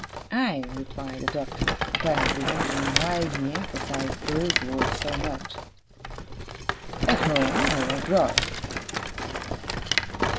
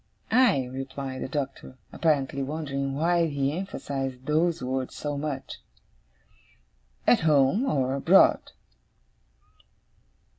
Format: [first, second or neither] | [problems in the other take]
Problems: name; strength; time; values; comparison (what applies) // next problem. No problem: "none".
second | background sound (Rattle + Bicycle); 1 dB above the speech